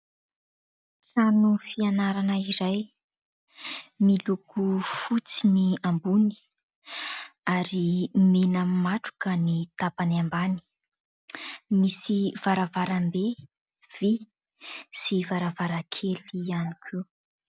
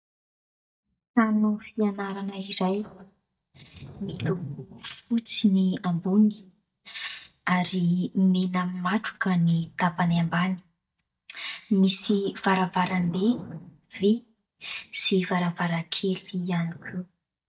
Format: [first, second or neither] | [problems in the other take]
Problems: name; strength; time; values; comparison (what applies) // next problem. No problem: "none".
first | noise reduction (neural mask model DeepFilterNet 3)